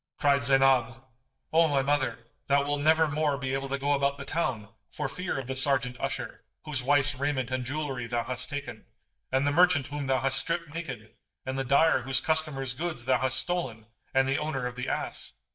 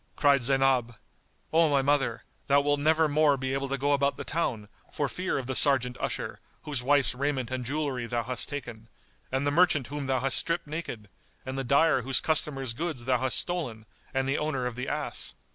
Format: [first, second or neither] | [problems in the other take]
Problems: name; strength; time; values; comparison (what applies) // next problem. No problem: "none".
second | noise reduction (neural mask model DeepFilterNet 3)